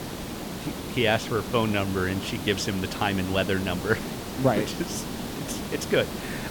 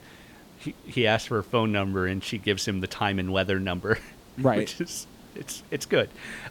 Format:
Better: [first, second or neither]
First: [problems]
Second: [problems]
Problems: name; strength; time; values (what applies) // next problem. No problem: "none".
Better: second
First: hiss; loud; throughout; 7 dB below the speech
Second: hiss; faint; throughout; 25 dB below the speech